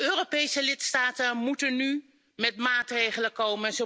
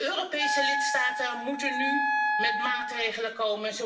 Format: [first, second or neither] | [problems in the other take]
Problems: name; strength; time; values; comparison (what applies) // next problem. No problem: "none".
first | background sound (Wind instrument, woodwind instrument); 1 dB above the speech // room echo; dies away in 0.7 s